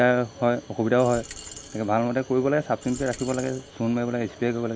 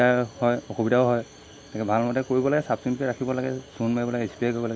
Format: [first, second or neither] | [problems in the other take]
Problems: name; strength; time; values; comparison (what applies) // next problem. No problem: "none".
second | background sound (Coin (dropping)); 17 dB below the speech